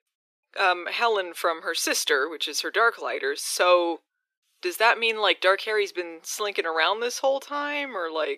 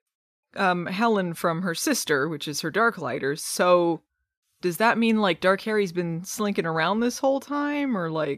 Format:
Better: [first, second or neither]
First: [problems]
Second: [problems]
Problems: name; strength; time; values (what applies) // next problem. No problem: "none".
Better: second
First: thin; very; fading below 350 Hz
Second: none